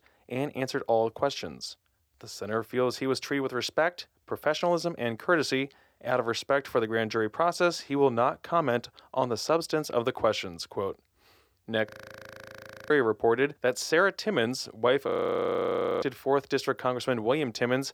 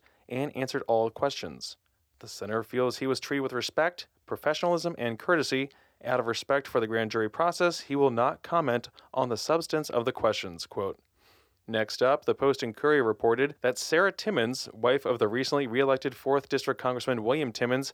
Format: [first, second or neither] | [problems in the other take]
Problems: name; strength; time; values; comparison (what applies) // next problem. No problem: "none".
second | audio freezing; at 12 s for 1 s and at 15 s for 1 s